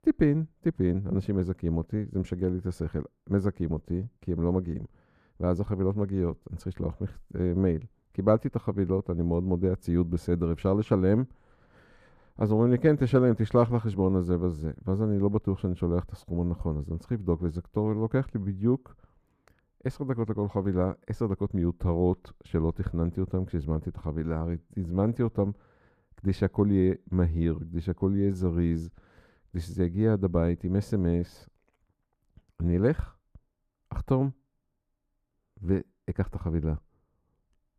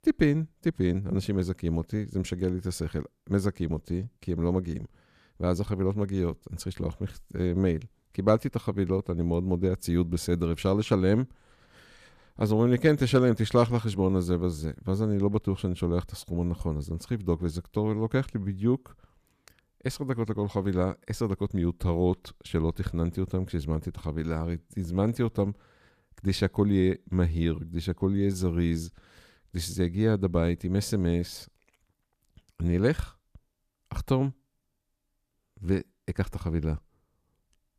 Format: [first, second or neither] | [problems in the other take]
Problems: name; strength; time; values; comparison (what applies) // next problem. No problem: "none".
second | muffled; slightly; fading above 2 kHz